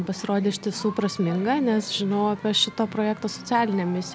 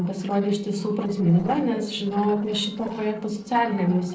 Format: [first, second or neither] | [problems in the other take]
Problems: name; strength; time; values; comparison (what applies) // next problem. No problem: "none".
first | noise reduction (neural separator model SepFormer DNS4)